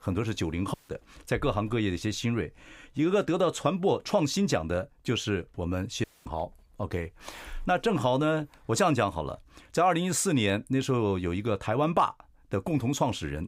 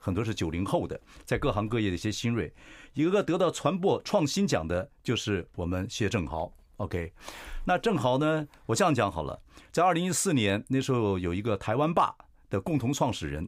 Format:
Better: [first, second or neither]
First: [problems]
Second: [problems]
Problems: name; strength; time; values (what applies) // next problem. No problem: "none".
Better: second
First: audio cutting out; at 0.5 s and at 6 s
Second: none